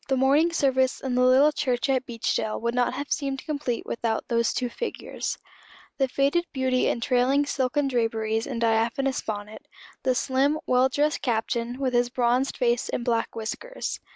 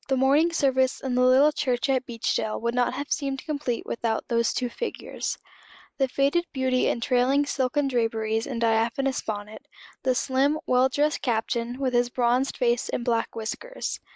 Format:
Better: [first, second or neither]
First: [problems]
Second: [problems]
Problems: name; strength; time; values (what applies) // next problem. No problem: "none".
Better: first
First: none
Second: noise reduction (neural mask model Resemble Enhance denoiser)